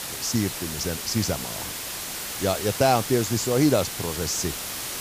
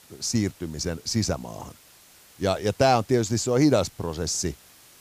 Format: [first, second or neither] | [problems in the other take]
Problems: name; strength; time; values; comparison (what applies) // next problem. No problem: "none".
second | hiss; loud; throughout; 5 dB below the speech; faint in the second